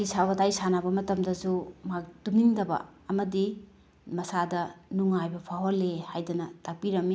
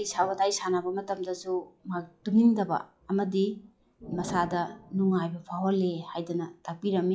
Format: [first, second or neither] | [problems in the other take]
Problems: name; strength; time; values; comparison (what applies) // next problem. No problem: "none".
first | noise reduction (classical method log-MMSE)